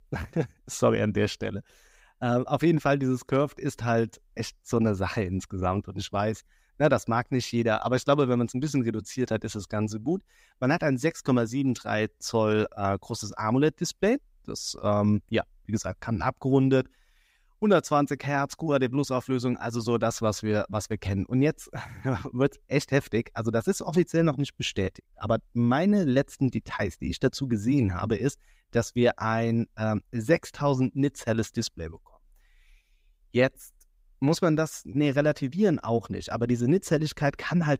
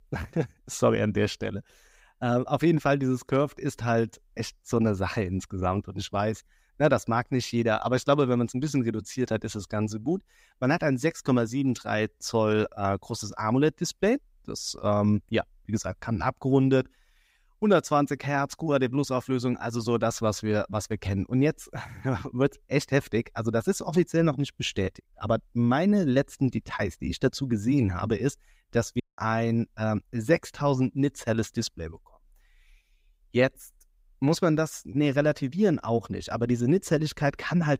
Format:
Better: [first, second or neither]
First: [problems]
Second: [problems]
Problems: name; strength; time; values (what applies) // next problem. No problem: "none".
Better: first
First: none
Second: audio cutting out; at 29 s